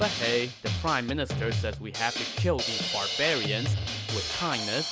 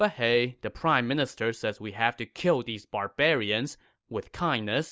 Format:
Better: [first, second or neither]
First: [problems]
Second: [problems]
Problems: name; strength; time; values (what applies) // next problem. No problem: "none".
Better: second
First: background sound (Drum kit); as loud as the speech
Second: none